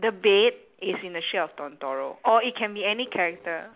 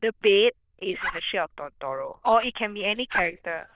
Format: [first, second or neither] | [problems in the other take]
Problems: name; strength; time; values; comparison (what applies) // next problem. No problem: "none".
first | noise reduction (neural diffusion model UNIVERSE++)